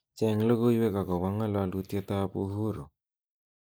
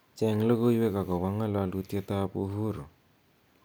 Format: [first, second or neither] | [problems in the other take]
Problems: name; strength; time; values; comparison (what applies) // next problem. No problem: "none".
second | noise reduction (neural mask model Resemble Enhance denoiser)